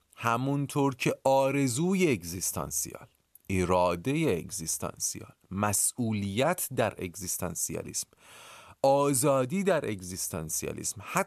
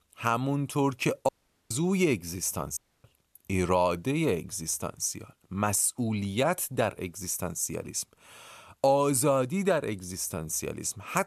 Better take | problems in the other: first | audio cutting out; at 1.5 s and at 3 s

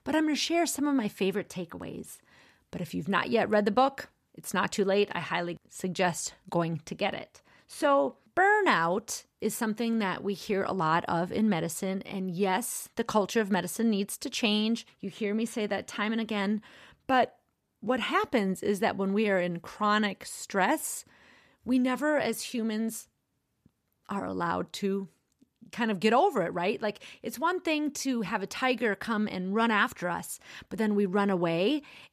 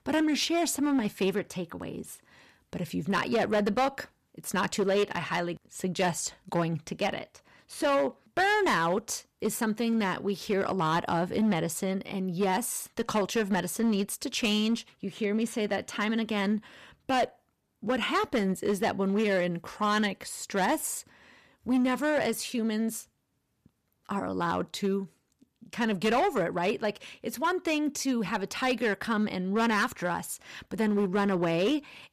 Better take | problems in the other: first | distortion; slight; 6% of the sound clipped

